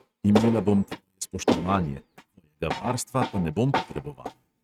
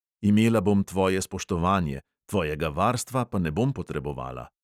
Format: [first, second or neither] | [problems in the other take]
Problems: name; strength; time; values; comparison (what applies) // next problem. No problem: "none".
second | noise reduction (neural mask model RNNoise)